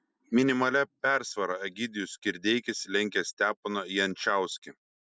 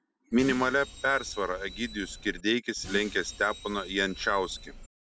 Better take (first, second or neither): first